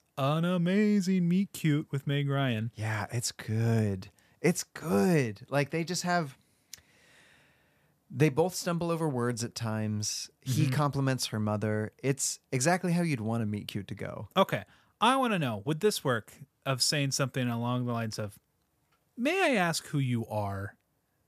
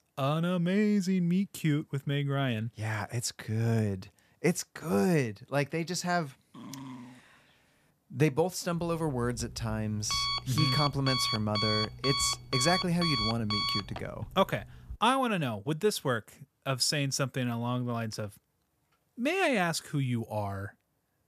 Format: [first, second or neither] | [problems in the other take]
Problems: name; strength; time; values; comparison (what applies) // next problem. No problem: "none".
first | dog barking; faint; at 6.5 s; peak 15 dB below the speech // alarm; loud; from 9 to 15 s; peak 1 dB above the speech